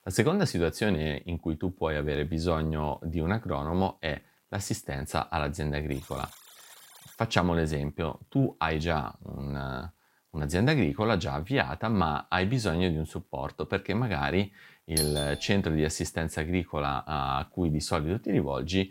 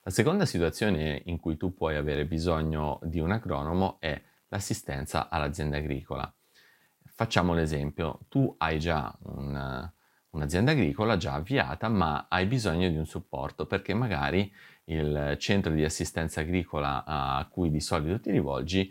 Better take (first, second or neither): second